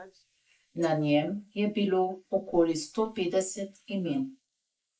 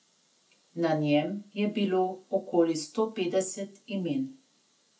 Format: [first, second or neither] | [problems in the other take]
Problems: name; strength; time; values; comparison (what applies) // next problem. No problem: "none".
second | noise reduction (neural mask model Resemble Enhance denoiser)